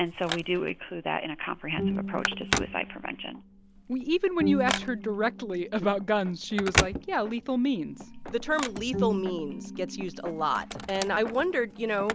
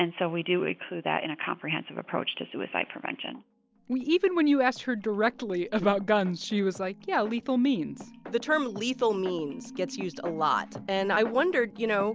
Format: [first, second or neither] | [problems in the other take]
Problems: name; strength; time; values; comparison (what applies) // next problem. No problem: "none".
second | background sound (Telephone + Bowed string instrument); 5 dB below the speech